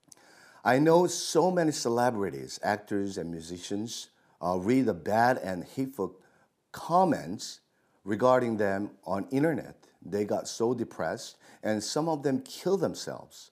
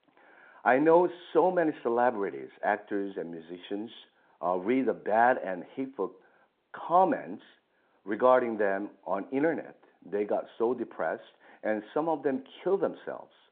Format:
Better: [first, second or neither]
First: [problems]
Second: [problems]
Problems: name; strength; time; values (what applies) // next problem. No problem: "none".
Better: first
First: none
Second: phone-call audio; nothing above 3.5 kHz